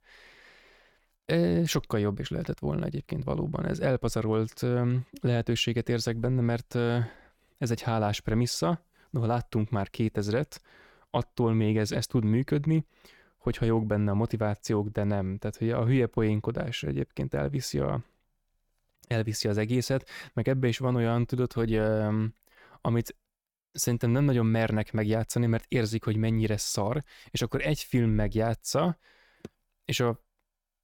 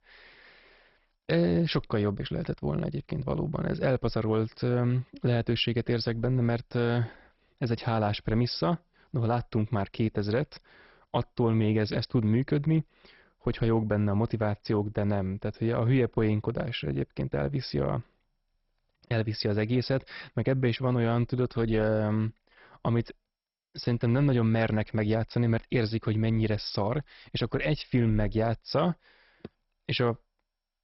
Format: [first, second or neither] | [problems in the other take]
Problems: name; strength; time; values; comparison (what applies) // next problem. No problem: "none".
first | garbled, watery; badly; nothing above 5.5 kHz